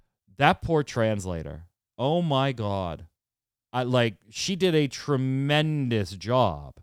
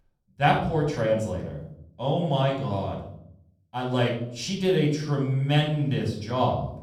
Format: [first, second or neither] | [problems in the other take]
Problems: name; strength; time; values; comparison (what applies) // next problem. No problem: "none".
first | off-mic speech; far // room echo; noticeable; dies away in 0.6 s